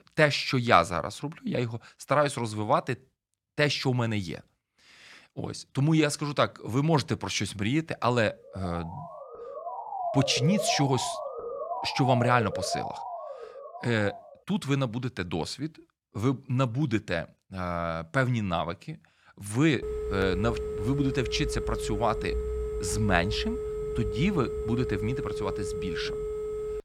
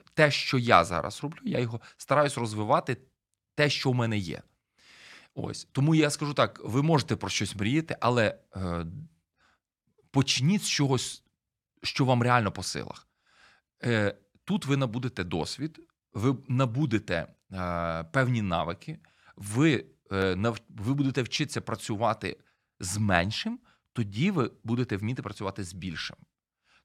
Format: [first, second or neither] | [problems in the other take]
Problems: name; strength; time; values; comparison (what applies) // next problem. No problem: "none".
second | siren; noticeable; from 8.5 to 14 s; peak 1 dB below the speech // phone ringing; noticeable; from 20 s on; peak 4 dB below the speech